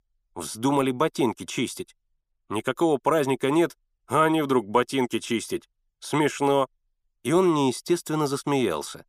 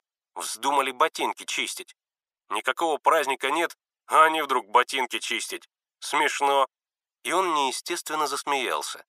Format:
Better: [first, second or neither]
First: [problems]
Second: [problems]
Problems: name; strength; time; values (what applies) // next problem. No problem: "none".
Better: first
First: none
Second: thin; very; fading below 750 Hz